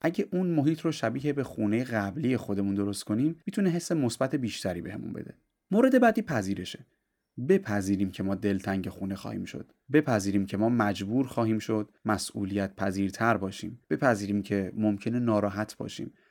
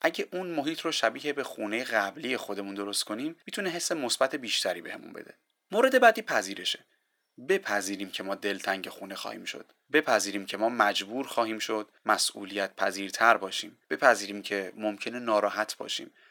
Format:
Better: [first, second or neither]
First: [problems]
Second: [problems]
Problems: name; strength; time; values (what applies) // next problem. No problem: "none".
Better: first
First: none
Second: thin; very; fading below 650 Hz